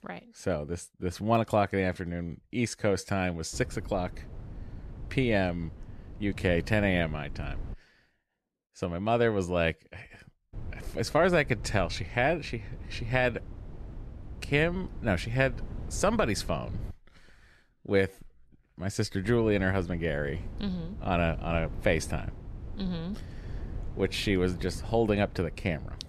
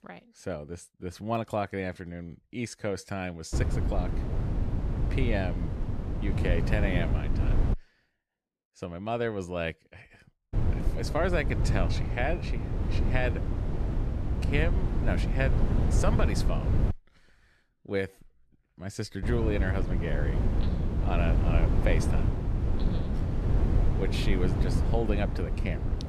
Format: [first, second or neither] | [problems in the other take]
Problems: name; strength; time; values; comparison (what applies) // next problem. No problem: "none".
first | wind noise on the microphone; heavy; from 3.5 to 7.5 s, from 11 to 17 s and from 19 s on; 5 dB below the speech; occasional gusts in the first